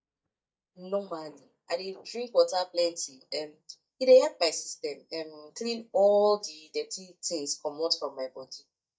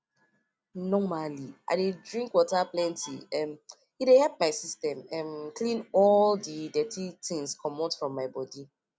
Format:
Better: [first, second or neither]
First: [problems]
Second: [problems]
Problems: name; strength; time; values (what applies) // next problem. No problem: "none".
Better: second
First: noise reduction (neural mask model DeepFilterNet 3)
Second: none